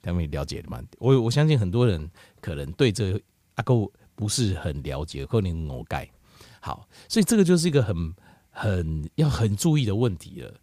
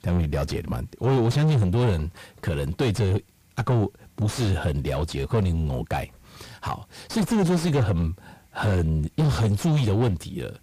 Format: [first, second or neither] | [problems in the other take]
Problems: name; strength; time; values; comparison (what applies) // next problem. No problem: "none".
first | distortion; heavy; 5 dB below the speech